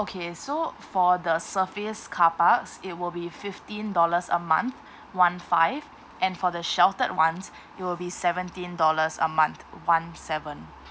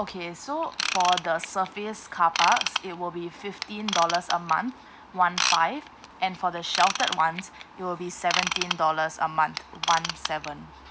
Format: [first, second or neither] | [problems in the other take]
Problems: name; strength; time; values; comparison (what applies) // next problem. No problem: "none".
first | background sound (Ratchet, pawl / Tools); 5 dB below the speech